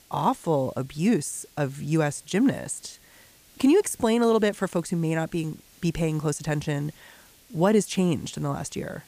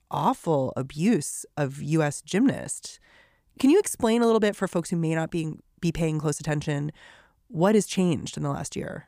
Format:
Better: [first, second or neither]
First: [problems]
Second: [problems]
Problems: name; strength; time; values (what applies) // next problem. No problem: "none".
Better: second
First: hiss; faint; throughout; 25 dB below the speech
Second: none